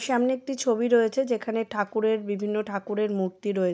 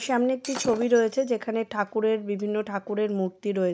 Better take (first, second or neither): first